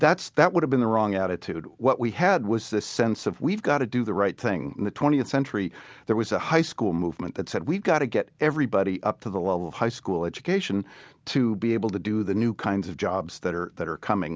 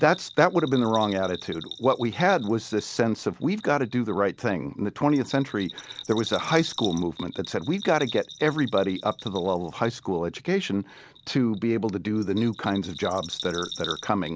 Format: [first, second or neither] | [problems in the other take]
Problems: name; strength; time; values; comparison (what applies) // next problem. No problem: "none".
first | background sound (Bell); 16 dB below the speech